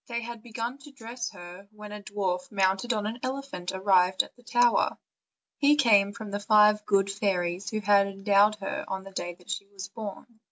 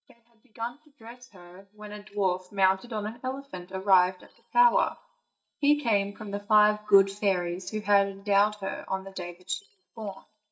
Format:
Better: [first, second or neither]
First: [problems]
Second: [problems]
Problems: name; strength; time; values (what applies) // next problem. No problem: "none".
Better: first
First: none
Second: noise reduction (neural mask model DeepFilterNet 3)